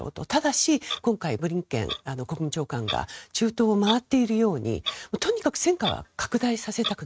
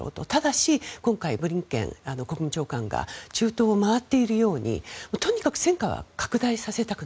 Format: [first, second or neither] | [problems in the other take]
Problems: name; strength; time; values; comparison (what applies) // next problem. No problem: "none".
second | noise reduction (neural mask model RNNoise)